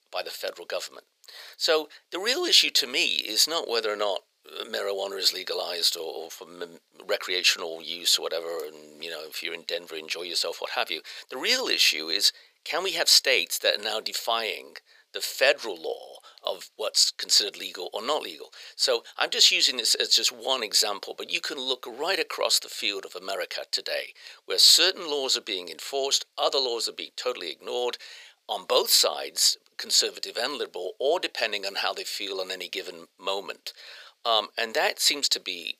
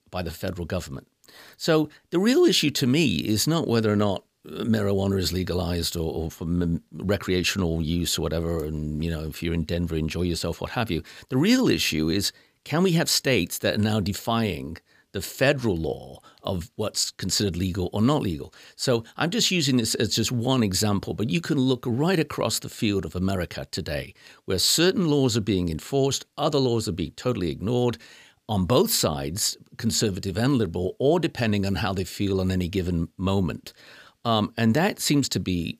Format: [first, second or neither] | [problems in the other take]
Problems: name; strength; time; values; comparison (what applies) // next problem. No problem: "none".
second | thin; very; fading below 500 Hz